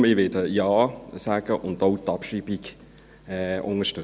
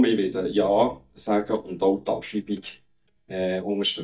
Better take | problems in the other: first | noise reduction (neural mask model DeepFilterNet 3)

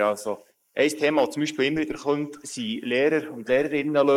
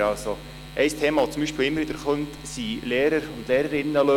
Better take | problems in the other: second | noise reduction (neural mask model Resemble Enhance denoiser)

